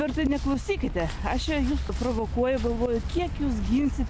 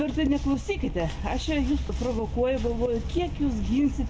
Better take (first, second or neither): first